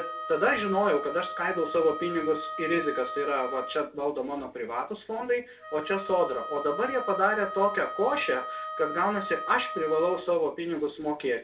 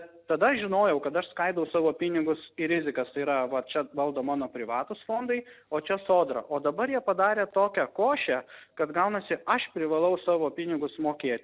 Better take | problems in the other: second | background sound (Wind instrument, woodwind instrument); 9 dB below the speech // room echo; dies away in 0.2 s

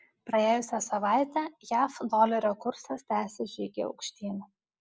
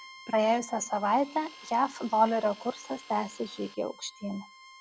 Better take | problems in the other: first | background sound (Bowed string instrument + Tools); 20 dB below the speech

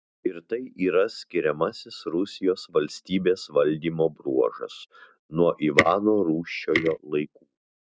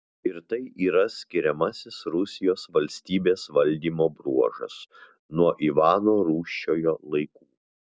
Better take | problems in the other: second | noise reduction (neural mask model RNNoise)

